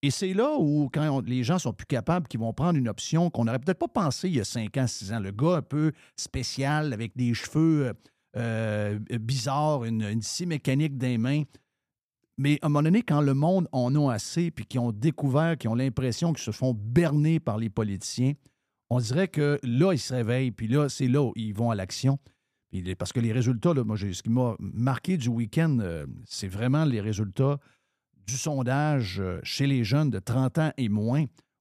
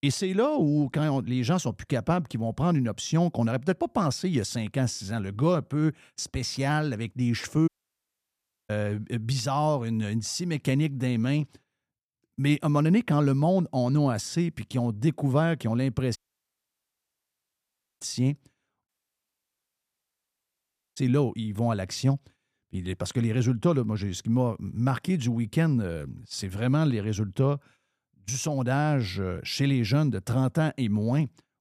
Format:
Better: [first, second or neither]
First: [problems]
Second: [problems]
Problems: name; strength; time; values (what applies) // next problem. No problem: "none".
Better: first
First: none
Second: audio cutting out; at 7.5 s for 1 s, at 16 s for 2 s and at 19 s for 2 s